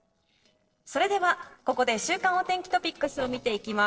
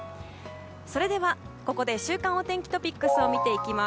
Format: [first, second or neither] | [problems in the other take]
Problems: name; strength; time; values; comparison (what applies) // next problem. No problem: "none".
second | noise reduction (neural separator model SepFormer DNS4)